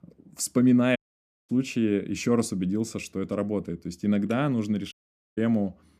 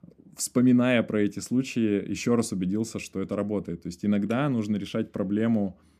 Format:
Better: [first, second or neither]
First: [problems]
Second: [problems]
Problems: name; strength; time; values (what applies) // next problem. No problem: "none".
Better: second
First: audio cutting out; at 1 s for 0.5 s and at 5 s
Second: none